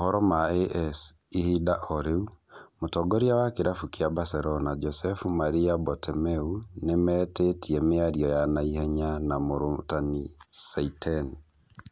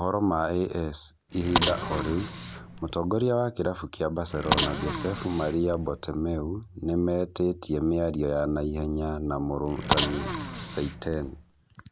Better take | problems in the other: first | background sound (Bicycle); 3 dB below the speech

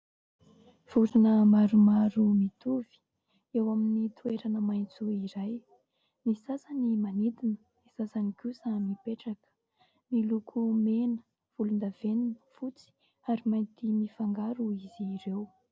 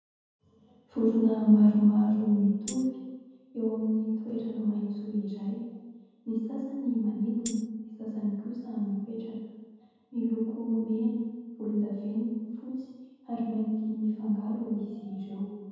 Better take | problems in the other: first | background sound (Tambourine); 12 dB below the speech // room echo; dies away in 1.2 s

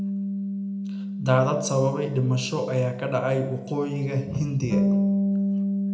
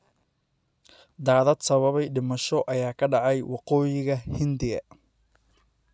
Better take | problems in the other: second | background sound (Bass guitar); 1 dB below the speech // room echo; dies away in 0.7 s

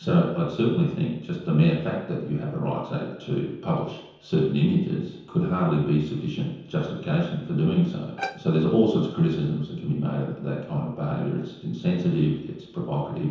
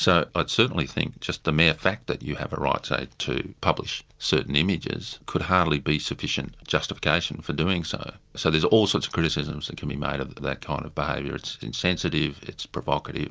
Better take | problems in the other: second | background sound (Bowed string instrument); 13 dB below the speech // room echo; dies away in 0.9 s

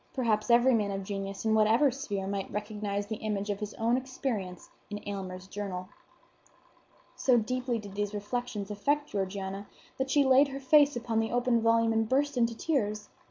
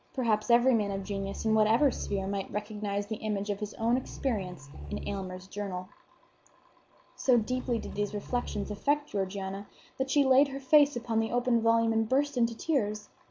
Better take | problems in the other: first | background sound (Growling); 11 dB below the speech

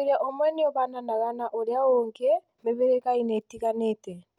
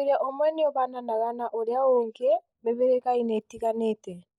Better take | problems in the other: first | noise reduction (neural mask model Resemble Enhance denoiser)

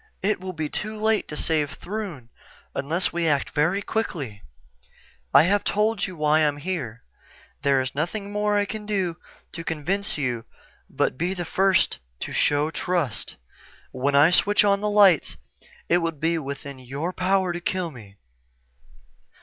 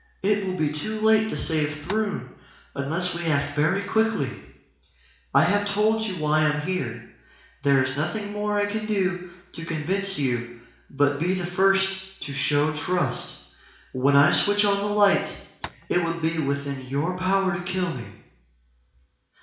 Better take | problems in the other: first | background sound (Tap); 14 dB below the speech // room echo; dies away in 0.7 s

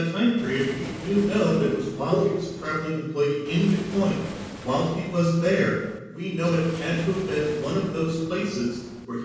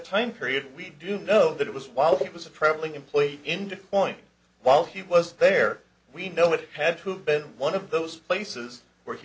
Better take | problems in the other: second | background sound (Waves, surf); 15 dB below the speech // room echo; dies away in 1.2 s

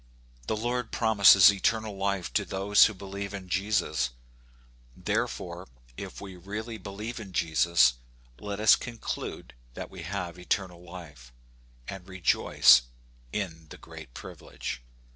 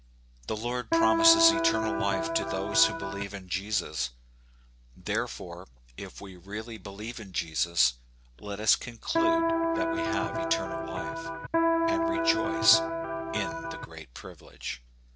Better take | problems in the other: first | background sound (Electric guitar); 4 dB above the speech

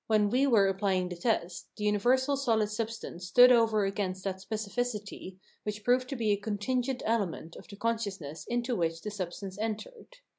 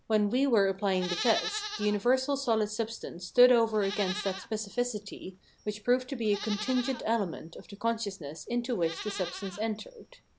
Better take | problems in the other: first | background sound (Livestock, farm animals, working animals); 13 dB below the speech

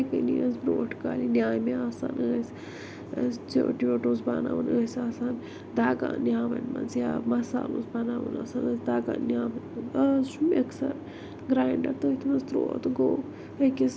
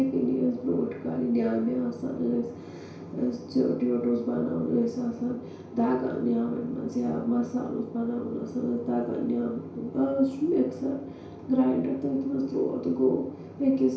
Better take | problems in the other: first | room echo; dies away in 0.6 s

